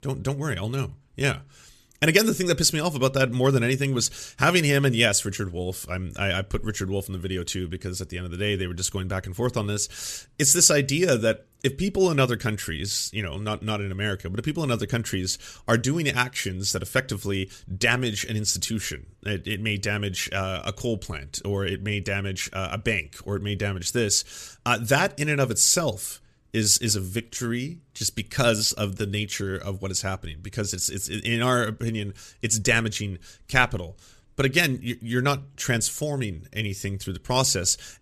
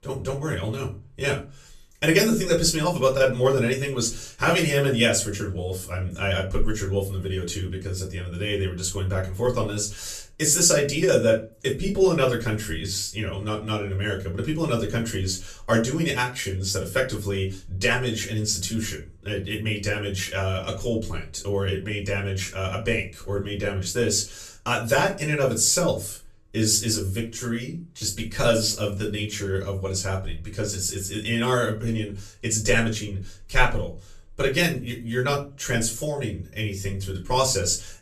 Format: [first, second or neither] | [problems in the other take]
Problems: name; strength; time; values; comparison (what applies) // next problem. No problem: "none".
first | off-mic speech; far // room echo; very slight; dies away in 0.3 s